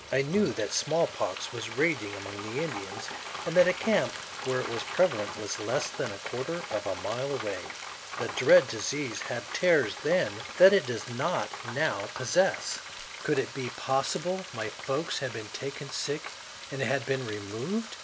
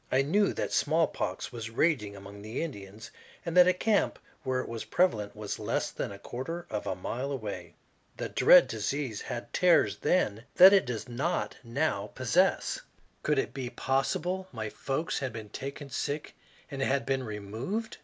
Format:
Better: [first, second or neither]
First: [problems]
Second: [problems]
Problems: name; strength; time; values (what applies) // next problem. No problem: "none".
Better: second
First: background sound (Frying (food)); 10 dB below the speech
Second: none